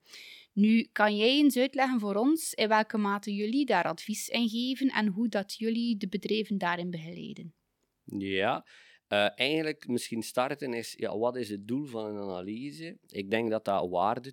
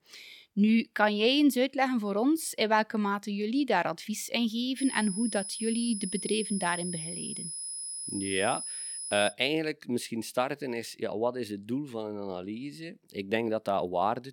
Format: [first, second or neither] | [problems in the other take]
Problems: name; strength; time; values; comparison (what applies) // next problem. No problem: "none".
first | high-pitched whine; loud; from 5 to 9.5 s; 10.5 kHz, 6 dB below the speech